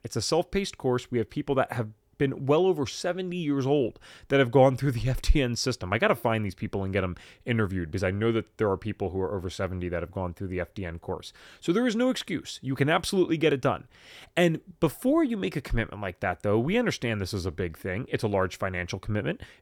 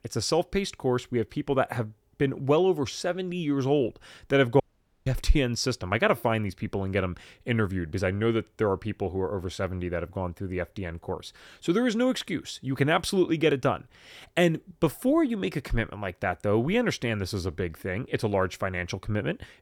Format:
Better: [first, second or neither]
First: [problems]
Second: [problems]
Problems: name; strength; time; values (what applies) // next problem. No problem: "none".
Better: first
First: none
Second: audio cutting out; at 4.5 s